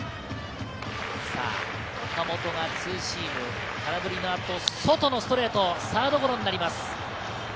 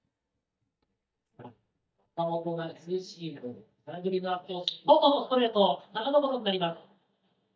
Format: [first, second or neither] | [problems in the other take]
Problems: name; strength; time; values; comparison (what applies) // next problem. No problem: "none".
first | noise reduction (neural mask model DeepFilterNet 3)